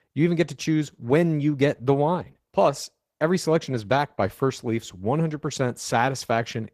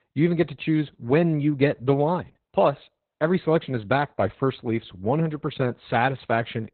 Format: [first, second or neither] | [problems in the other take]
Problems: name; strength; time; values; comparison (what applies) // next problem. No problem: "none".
first | garbled, watery; badly; nothing above 4 kHz; slightly in the first